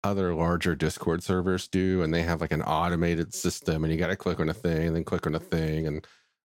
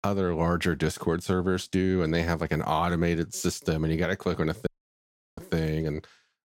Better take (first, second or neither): first